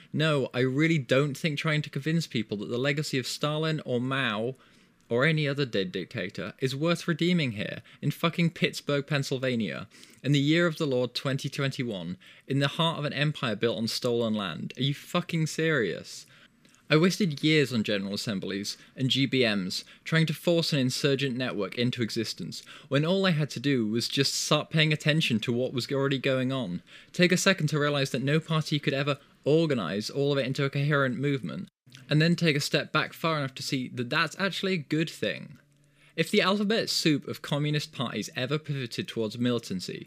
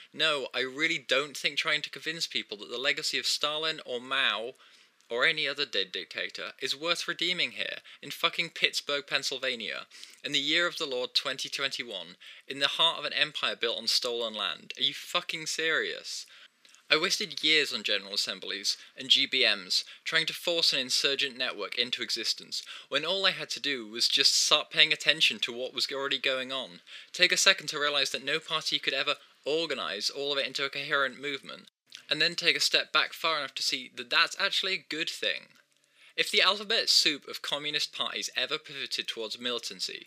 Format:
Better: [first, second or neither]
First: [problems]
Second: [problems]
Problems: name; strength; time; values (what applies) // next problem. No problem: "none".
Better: first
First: none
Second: thin; very; fading below 550 Hz